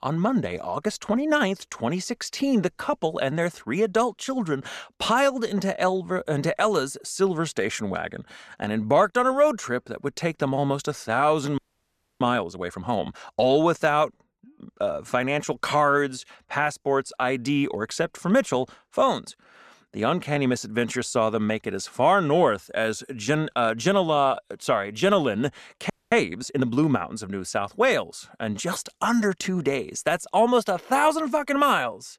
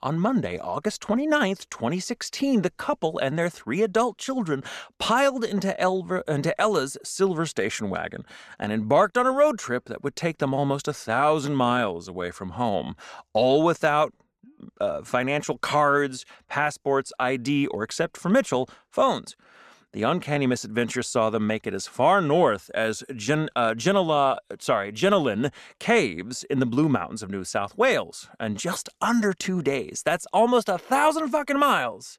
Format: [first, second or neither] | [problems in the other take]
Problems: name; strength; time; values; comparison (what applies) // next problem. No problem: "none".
second | audio freezing; at 12 s for 0.5 s and at 26 s